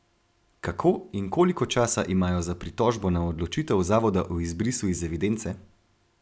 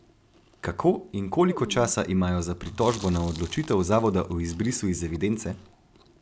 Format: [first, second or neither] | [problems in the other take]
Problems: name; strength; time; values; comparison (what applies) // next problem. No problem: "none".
first | background sound (Chewing, mastication); 18 dB below the speech